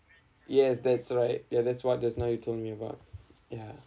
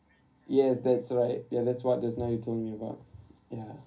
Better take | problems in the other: first | room echo; dies away in 0.3 s

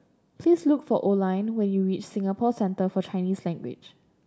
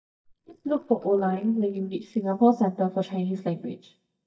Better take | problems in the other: first | noise reduction (neural mask model DeepFilterNet 3)

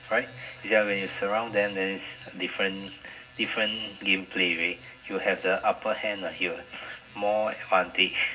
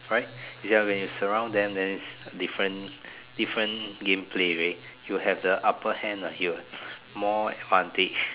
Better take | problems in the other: second | room echo; dies away in 0.4 s

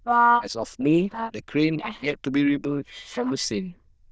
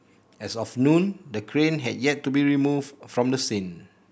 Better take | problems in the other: second | noise reduction (neural diffusion model UNIVERSE++)

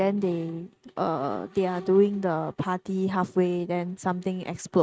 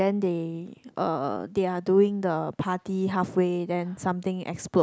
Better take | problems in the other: second | noise reduction (neural mask model RNNoise)

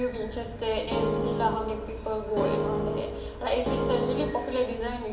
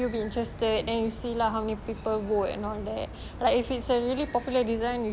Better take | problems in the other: second | background sound (Keyboard (musical)); as loud as the speech // room echo; dies away in 0.8 s

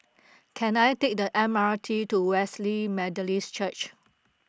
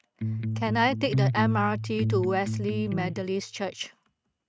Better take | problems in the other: first | noise reduction (neural mask model RNNoise)

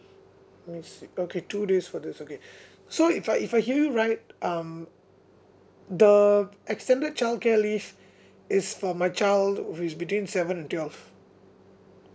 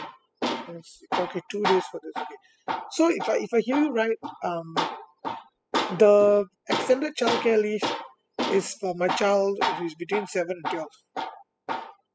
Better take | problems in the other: first | noise reduction (classical method spectral subtraction)

